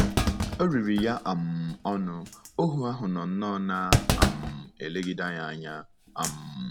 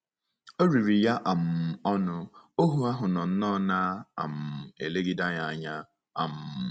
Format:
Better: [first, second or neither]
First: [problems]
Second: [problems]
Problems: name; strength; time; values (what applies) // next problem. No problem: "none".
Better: second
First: background sound (Thump, thud); 1 dB below the speech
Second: none